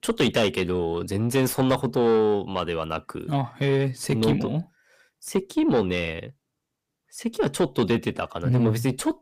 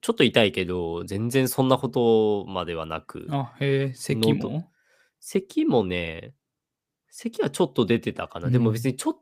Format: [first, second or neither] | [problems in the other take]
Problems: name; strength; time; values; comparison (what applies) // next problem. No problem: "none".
second | distortion; slight; 10 dB below the speech